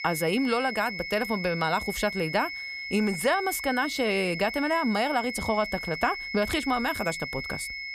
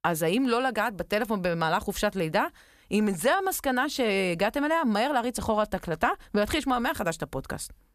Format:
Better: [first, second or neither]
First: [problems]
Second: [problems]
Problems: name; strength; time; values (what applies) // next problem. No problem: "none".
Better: second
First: high-pitched whine; loud; throughout; 2 kHz, 6 dB below the speech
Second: none